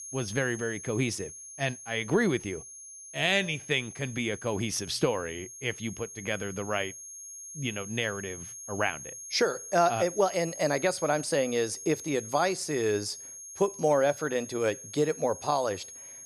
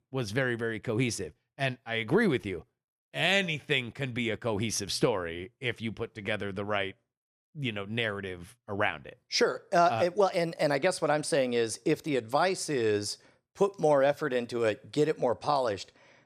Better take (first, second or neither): second